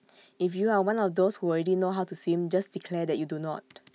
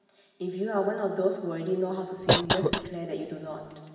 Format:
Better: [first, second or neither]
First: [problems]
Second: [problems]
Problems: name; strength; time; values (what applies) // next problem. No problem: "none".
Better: first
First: none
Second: background sound (Cough); 1 dB above the speech // room echo; dies away in 1.6 s